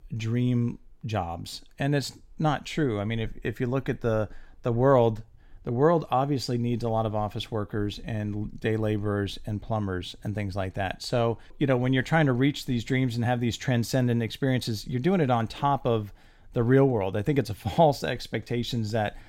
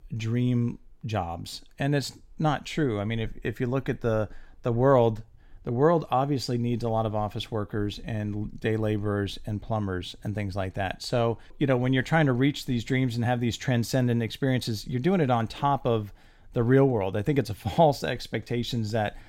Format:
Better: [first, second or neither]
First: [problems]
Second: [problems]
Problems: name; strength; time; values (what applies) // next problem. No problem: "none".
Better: neither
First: none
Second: none